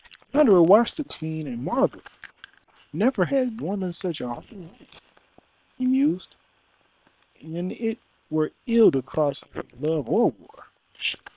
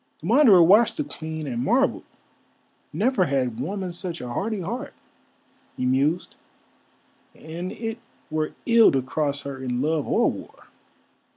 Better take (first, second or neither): second